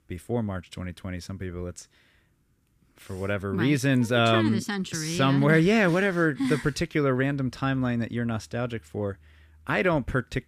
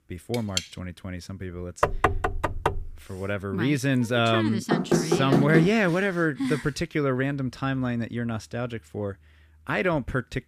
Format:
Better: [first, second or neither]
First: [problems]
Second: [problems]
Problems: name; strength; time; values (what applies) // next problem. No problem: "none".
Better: first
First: none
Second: clattering dishes; very faint; at 0.5 s; peak 4 dB below the speech // door banging; loud; from 2 to 3 s and from 4.5 to 5.5 s; peak 2 dB above the speech